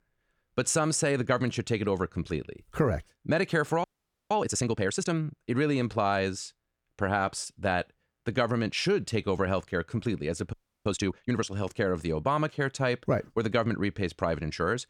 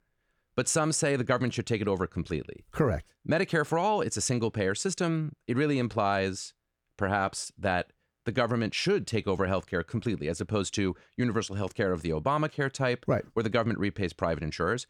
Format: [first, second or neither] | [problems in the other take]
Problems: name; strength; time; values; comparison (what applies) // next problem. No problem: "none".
second | audio freezing; at 4 s and at 11 s